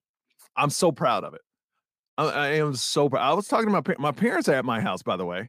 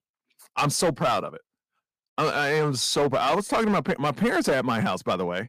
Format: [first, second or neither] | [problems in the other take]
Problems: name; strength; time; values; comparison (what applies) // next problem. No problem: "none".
first | distortion; slight; 9% of the sound clipped